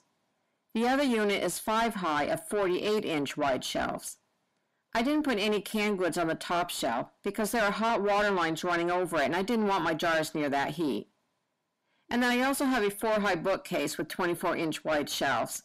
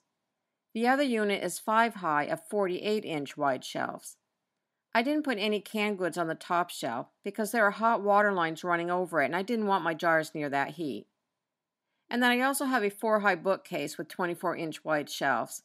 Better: second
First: distortion; heavy; 6 dB below the speech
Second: none

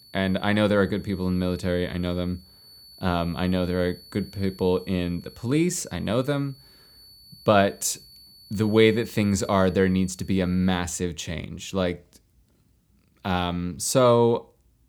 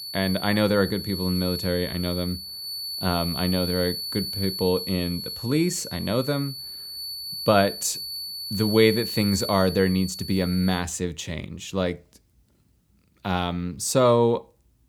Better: first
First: high-pitched whine; faint; until 11 s; 4.5 kHz, 25 dB below the speech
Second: high-pitched whine; loud; until 11 s; 4.5 kHz, 6 dB below the speech

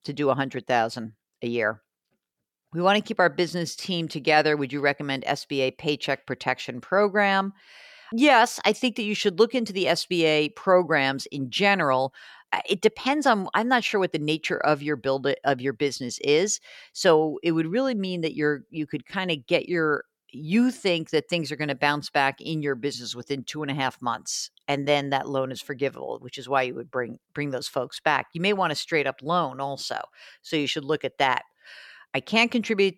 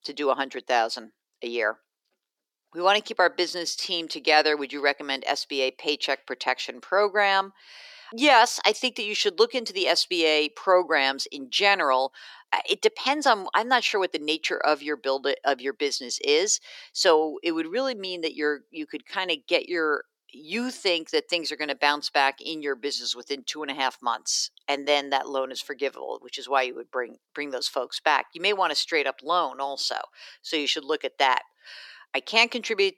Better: first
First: none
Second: thin; somewhat; fading below 300 Hz

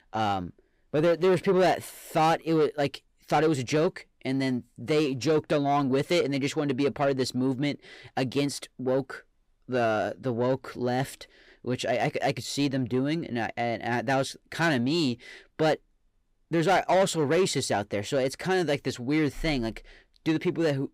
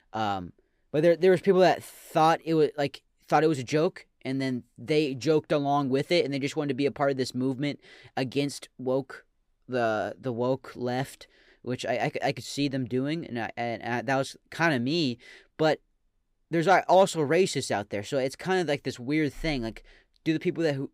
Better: second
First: distortion; slight; 10 dB below the speech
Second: none

